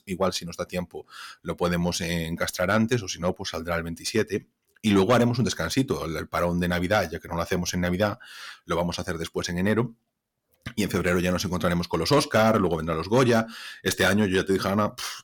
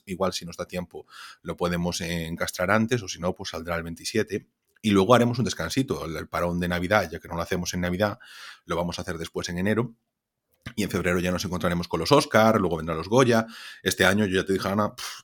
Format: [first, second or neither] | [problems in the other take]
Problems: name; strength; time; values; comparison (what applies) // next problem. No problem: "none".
second | distortion; slight; 10 dB below the speech